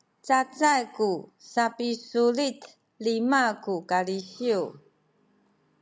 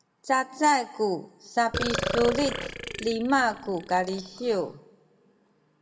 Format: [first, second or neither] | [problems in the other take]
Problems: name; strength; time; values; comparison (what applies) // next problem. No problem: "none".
first | background sound (Burping, eructation); 6 dB below the speech // room echo; dies away in 0.3 s